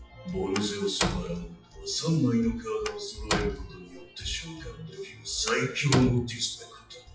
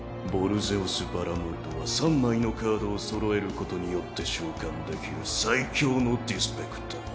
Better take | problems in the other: second | noise reduction (classical method WPE with log-MMSE)

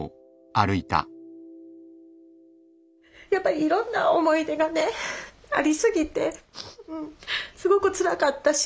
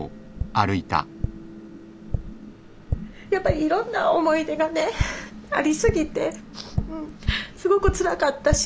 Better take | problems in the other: first | background sound (Tap); 6 dB below the speech

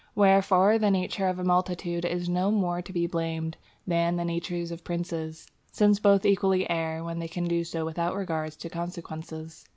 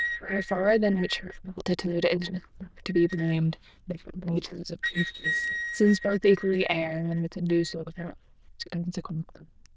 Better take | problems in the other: first | noise reduction (neural diffusion model UNIVERSE++)

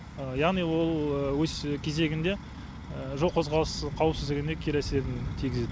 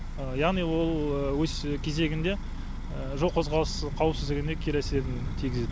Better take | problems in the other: first | background sound (Motor vehicle (road) / Engine); 6 dB below the speech

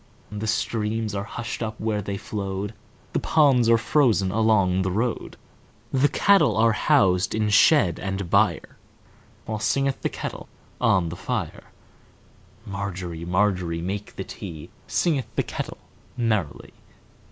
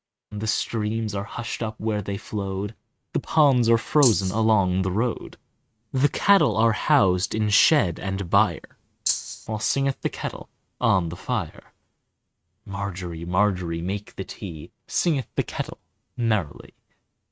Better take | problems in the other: first | noise reduction (neural mask model RNNoise)

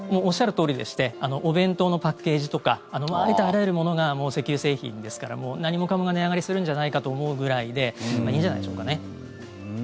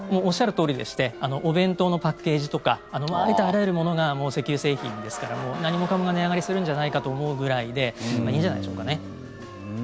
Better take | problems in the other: first | background sound (Motor vehicle (road) / Siren); 16 dB below the speech

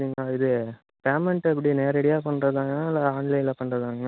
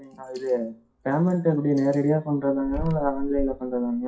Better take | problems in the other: first | noise reduction (classical method WPE with log-MMSE)

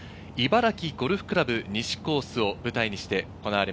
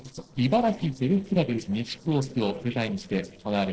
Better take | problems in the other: first | noise reduction (neural separator model SepFormer DNS4)

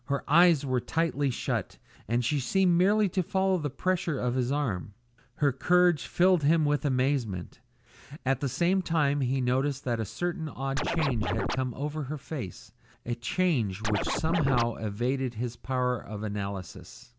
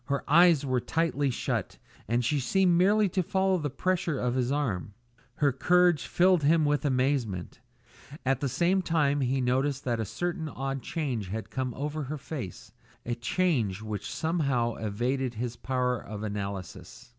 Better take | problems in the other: second | background sound (Scratching (performance technique)); 1 dB below the speech

